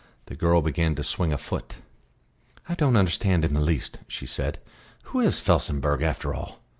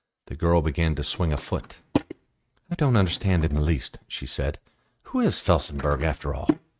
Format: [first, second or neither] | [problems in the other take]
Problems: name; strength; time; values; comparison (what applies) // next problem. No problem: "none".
first | noise reduction (neural mask model RNNoise)